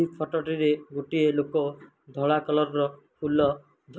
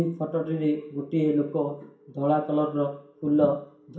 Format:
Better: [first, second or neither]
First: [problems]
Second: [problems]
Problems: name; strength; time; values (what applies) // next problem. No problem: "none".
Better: first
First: none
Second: room echo; dies away in 0.5 s